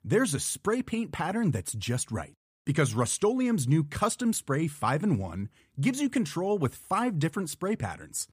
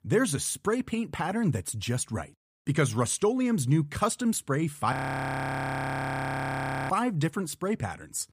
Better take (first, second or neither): first